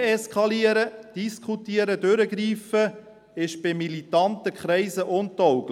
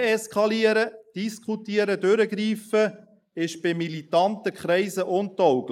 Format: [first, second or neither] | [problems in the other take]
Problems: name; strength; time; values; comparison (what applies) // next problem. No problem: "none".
first | noise reduction (neural mask model Resemble Enhance denoiser)